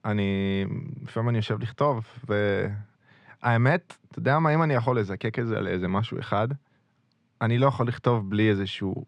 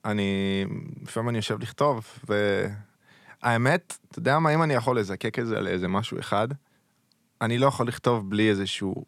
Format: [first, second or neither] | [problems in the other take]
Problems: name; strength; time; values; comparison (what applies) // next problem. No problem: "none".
second | muffled; slightly; fading above 3.5 kHz